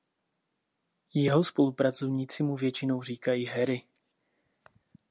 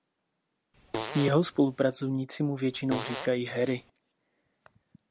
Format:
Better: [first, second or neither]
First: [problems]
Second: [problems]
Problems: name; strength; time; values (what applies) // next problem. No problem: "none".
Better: first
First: none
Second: background sound (Fart); 9 dB below the speech